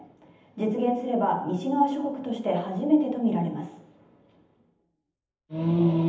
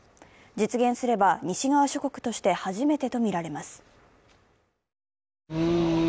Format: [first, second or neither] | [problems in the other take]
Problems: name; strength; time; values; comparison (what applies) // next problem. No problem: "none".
second | room echo; dies away in 0.8 s